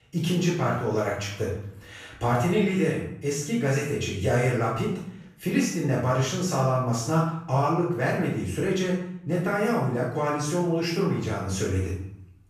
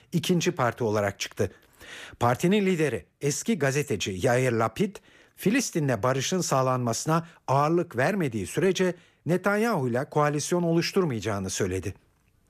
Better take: second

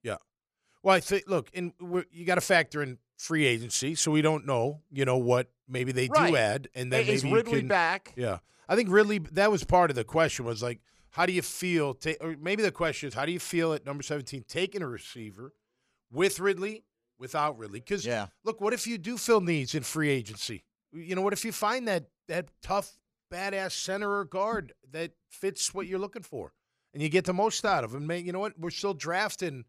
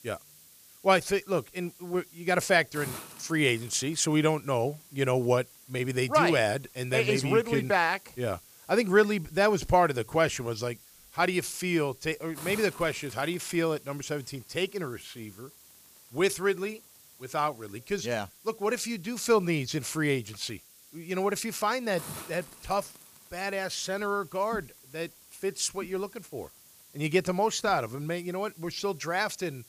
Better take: first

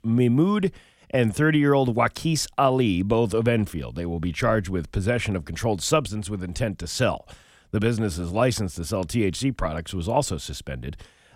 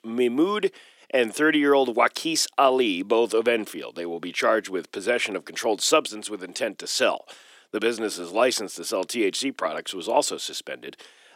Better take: first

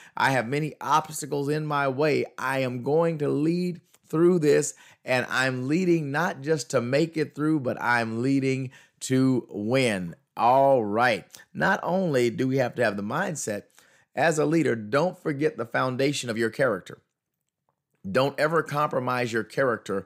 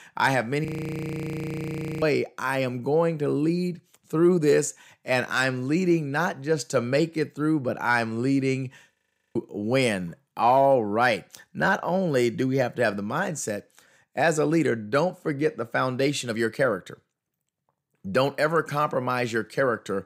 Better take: first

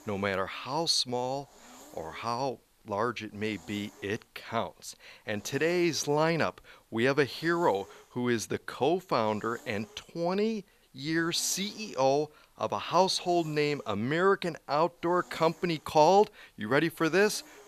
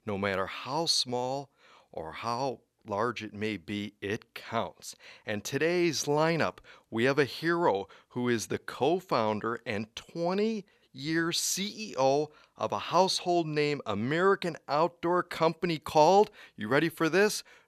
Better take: second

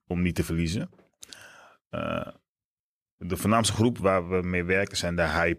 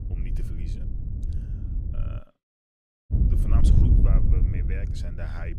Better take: first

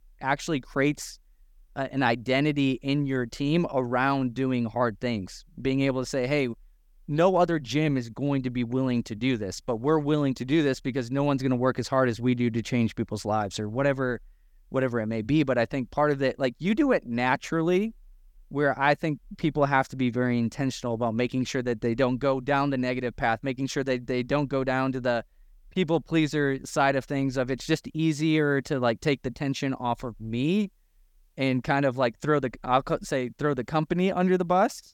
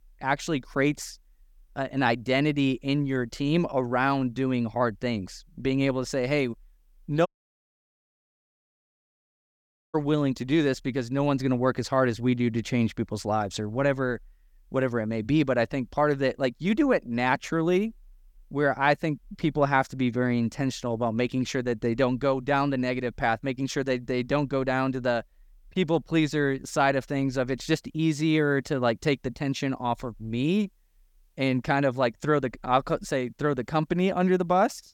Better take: first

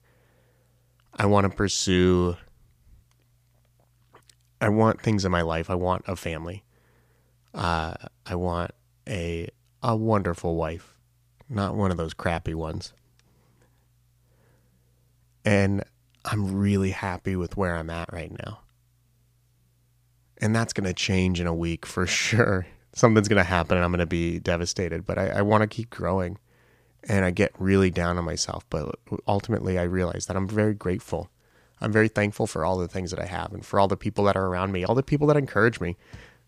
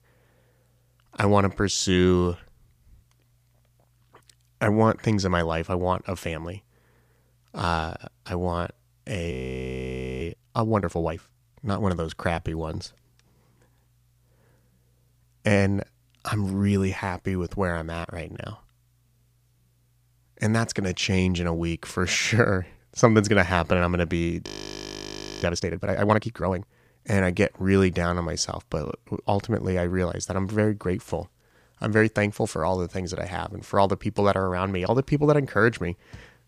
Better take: first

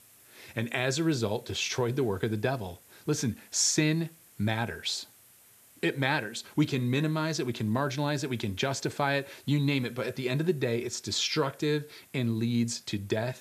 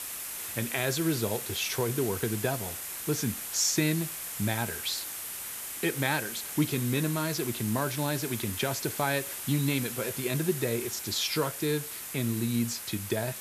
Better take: first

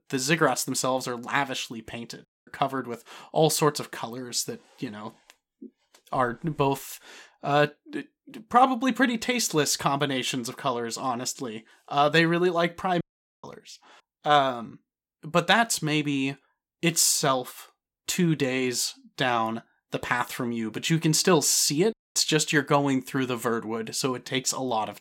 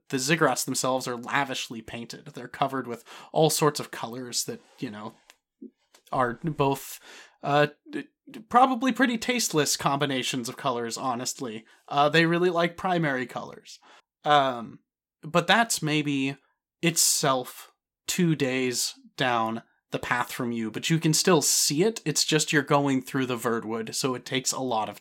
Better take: second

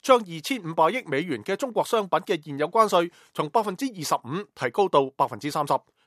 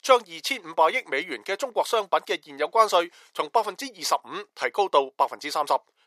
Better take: first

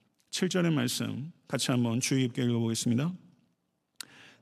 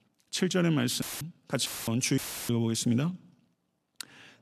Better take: first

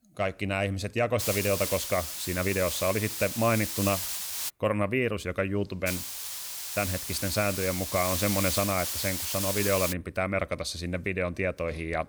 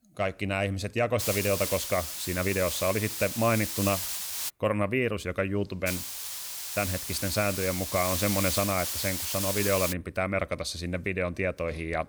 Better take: neither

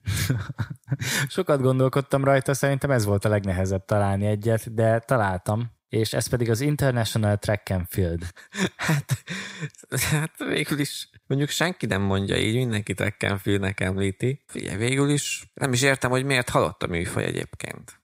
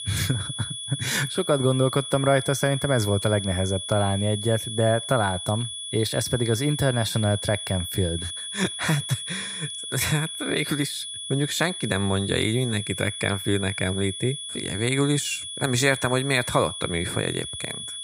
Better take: first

